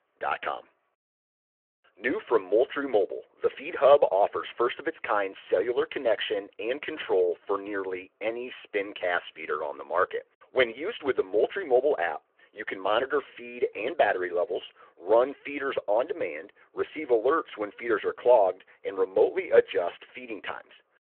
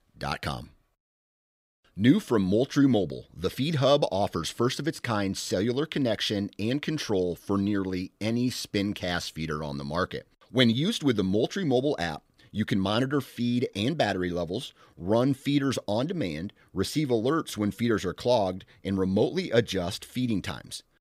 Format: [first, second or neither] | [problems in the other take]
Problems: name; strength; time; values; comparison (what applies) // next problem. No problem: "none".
second | phone-call audio